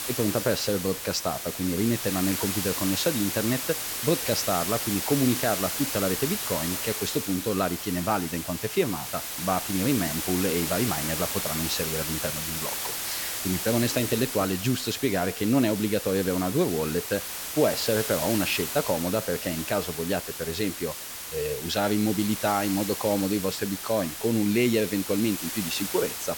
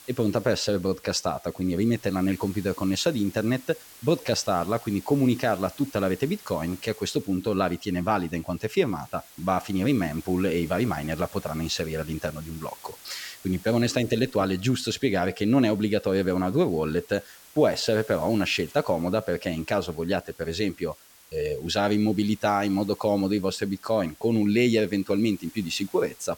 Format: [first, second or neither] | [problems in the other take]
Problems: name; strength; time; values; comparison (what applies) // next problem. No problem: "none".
second | hiss; loud; throughout; 3 dB below the speech; faint in the second